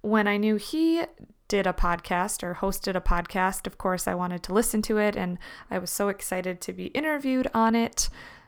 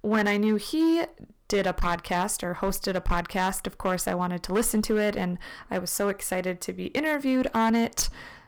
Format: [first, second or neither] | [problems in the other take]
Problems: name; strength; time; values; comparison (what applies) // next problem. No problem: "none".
first | distortion; slight; 6% of the sound clipped